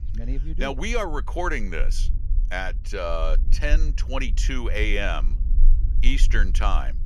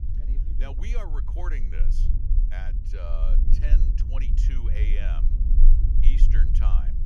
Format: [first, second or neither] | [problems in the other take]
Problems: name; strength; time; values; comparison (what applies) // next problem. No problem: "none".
first | low rumble; loud; throughout; 5 dB below the speech; faint in the first